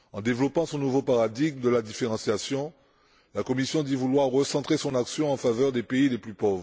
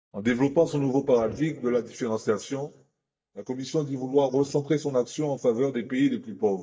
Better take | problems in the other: first | noise reduction (neural mask model DeepFilterNet 3)

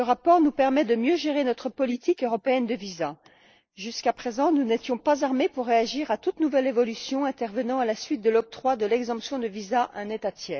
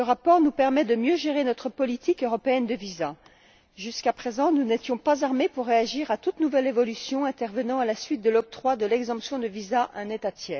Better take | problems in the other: second | noise reduction (neural mask model Resemble Enhance denoiser)

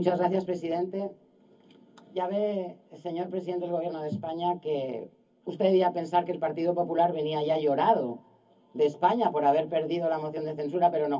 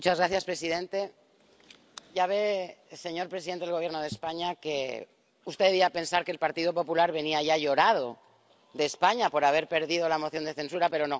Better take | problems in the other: second | room echo; dies away in 0.3 s

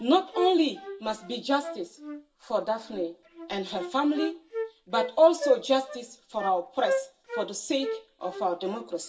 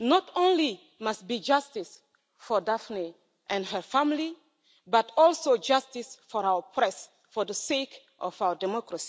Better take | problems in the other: second | background sound (Wind instrument, woodwind instrument); 9 dB below the speech // room echo; dies away in 0.2 s

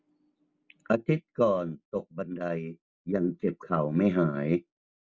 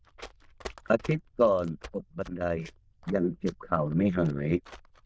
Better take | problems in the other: first | noise reduction (neural diffusion model UNIVERSE++)

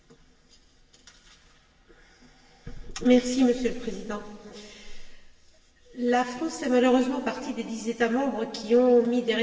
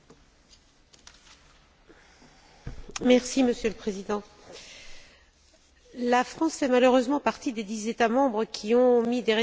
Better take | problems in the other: second | room echo; dies away in 1.9 s

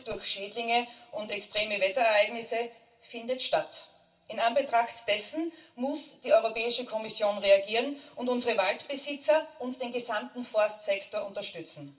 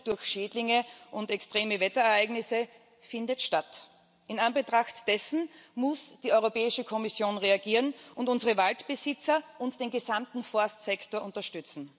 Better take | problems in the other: second | room echo; dies away in 0.2 s

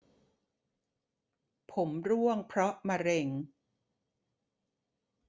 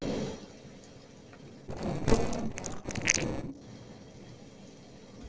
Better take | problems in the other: first | noise reduction (neural separator model SepFormer DNS4)

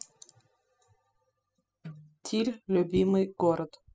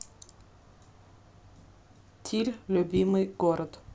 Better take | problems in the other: second | noise reduction (classical method spectral subtraction)

